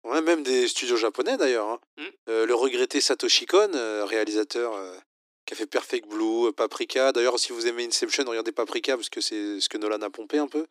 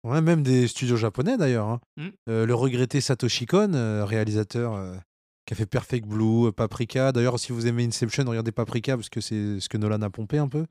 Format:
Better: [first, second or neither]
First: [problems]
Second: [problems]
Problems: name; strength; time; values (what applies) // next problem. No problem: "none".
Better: second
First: thin; very; fading below 300 Hz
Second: none